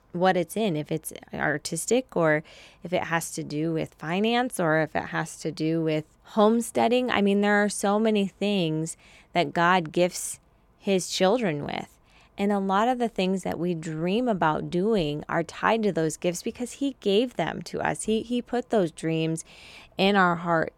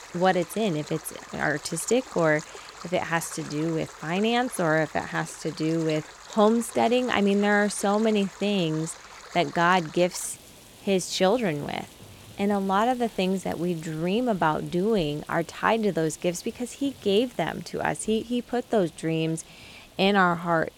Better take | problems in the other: first | rain or running water; noticeable; throughout; 20 dB below the speech

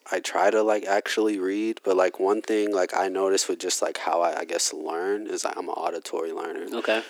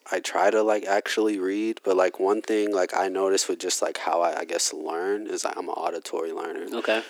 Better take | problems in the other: neither | thin; somewhat; fading below 300 Hz; the same in both

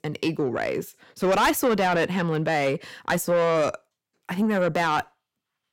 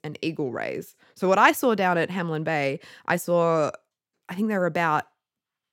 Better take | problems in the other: second | distortion; heavy; 8 dB below the speech

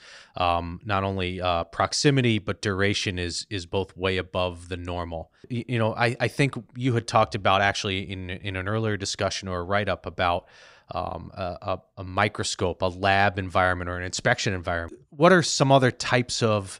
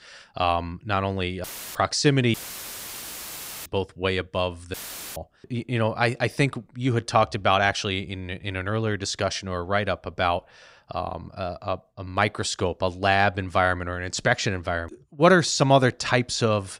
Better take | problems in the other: first | audio cutting out; filled with static; at 1.5 s, at 2.5 s for 1.5 s and at 4.5 s

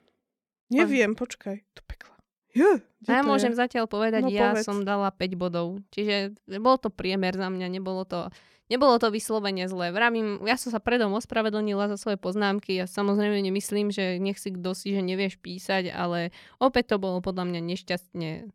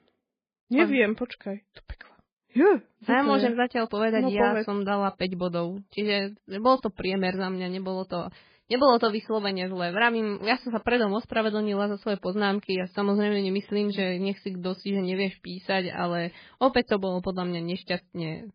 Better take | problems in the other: first | garbled, watery; badly; nothing above 4.5 kHz

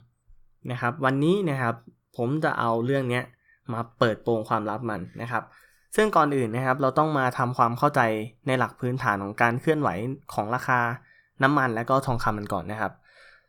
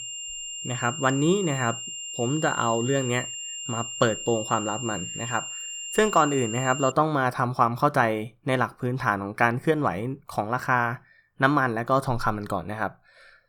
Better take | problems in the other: first | high-pitched whine; loud; until 7 s; 3 kHz, 7 dB below the speech

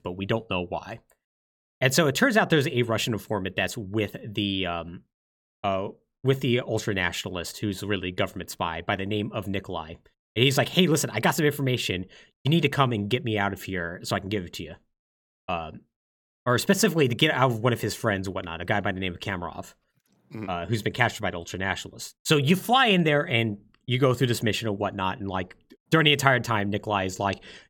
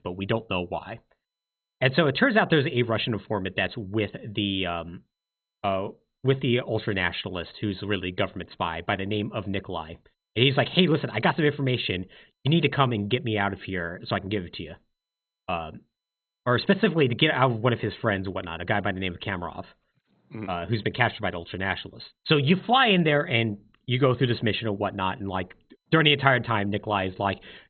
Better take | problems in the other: first | garbled, watery; badly; nothing above 3.5 kHz

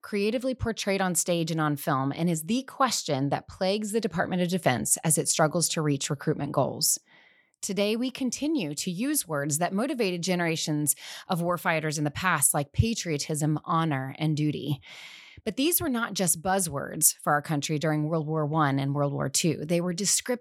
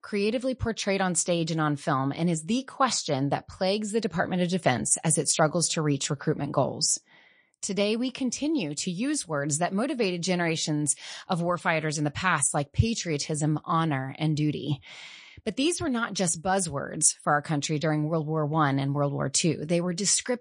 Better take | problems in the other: first | garbled, watery; slightly; nothing above 10 kHz

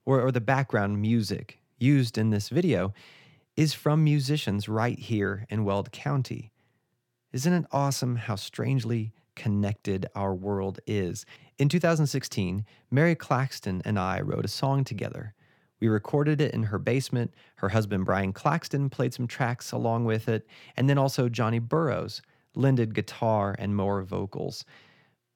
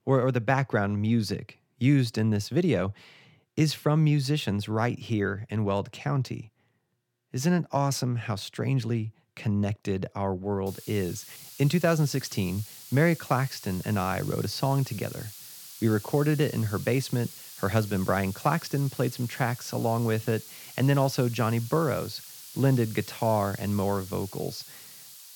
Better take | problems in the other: first | hiss; noticeable; from 11 s on; 15 dB below the speech

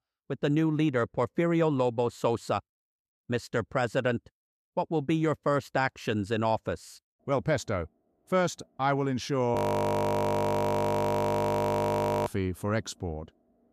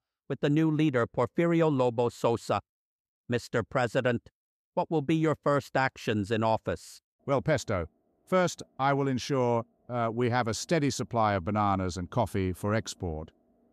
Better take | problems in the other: second | audio freezing; at 9.5 s for 2.5 s

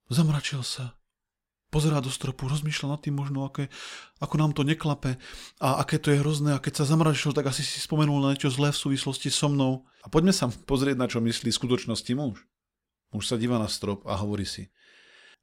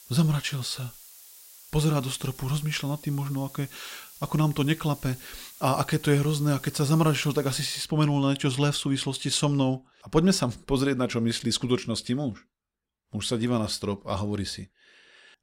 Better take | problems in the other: first | hiss; noticeable; until 8 s; 20 dB below the speech

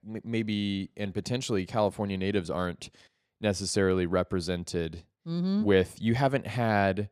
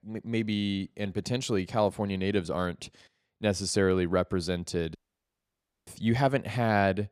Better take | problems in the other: first | audio cutting out; at 5 s for 1 s

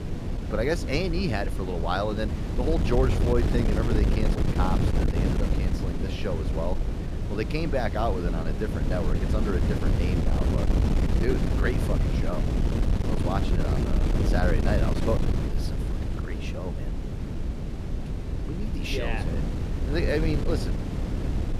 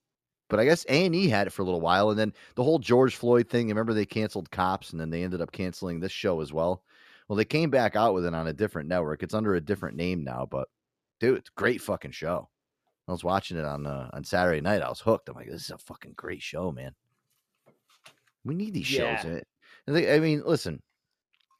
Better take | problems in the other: second | wind noise on the microphone; heavy; 4 dB below the speech

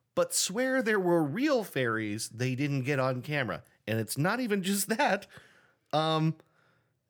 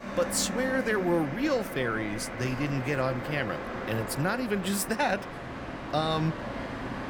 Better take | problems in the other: first | train or aircraft noise; loud; throughout; 7 dB below the speech

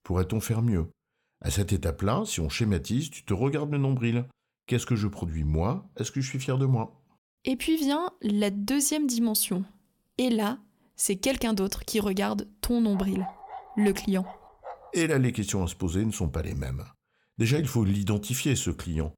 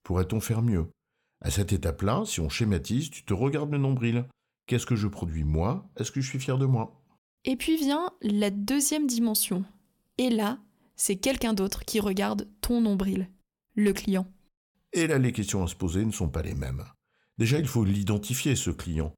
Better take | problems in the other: second | dog barking; faint; from 13 to 15 s; peak 15 dB below the speech

